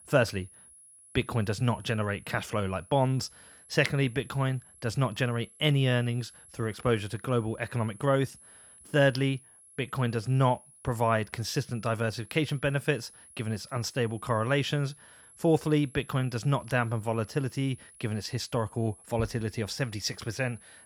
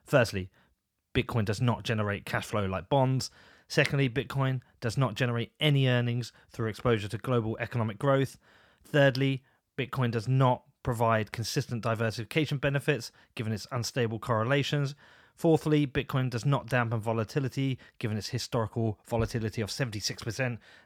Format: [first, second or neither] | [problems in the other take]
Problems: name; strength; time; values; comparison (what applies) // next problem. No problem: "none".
second | high-pitched whine; faint; throughout; 10.5 kHz, 25 dB below the speech